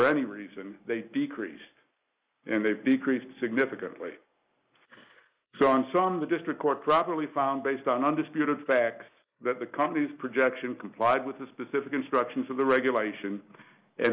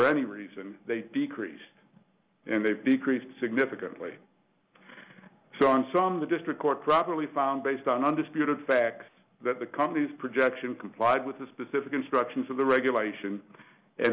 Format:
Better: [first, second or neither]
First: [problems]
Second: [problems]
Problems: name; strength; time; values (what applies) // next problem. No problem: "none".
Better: second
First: noise reduction (neural mask model Resemble Enhance denoiser)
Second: none